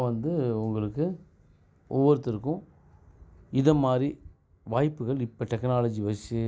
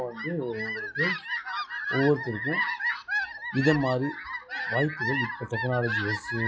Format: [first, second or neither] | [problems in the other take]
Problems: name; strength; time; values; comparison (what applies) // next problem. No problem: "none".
first | noise reduction (classical method log-MMSE)